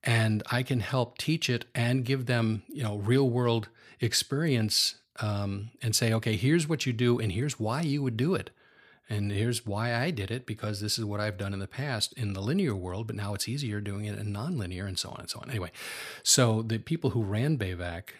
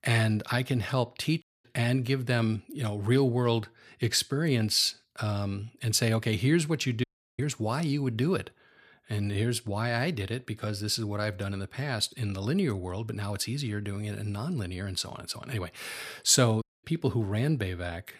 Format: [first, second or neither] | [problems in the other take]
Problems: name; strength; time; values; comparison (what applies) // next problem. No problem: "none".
first | audio cutting out; at 1.5 s, at 7 s and at 17 s